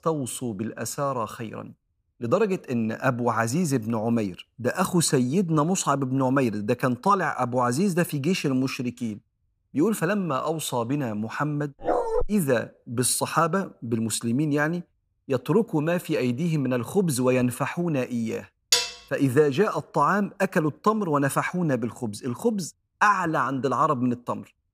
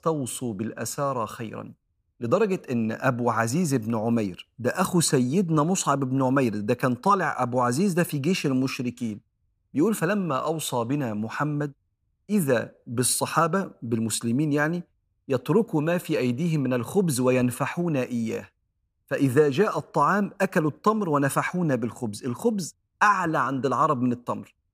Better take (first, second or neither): second